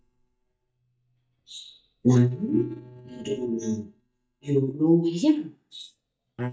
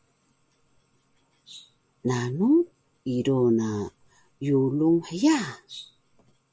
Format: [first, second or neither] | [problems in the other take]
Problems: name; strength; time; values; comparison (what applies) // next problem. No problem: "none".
second | noise reduction (neural mask model DeepFilterNet 3)